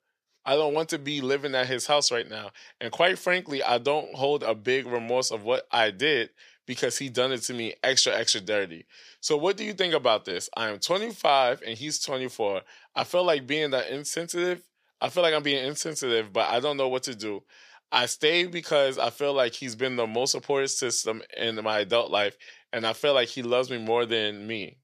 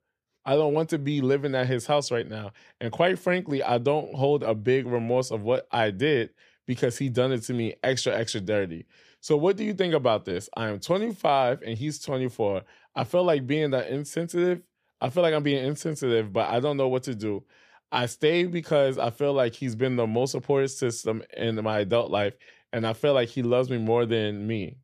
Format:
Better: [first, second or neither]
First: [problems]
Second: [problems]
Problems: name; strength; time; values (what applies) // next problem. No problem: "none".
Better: second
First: thin; somewhat; fading below 800 Hz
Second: none